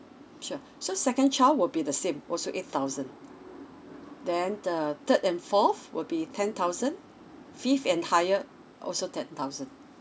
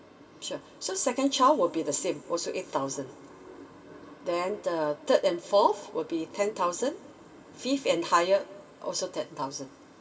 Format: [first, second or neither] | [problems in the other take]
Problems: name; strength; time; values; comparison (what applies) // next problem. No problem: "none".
first | room echo; dies away in 2.8 s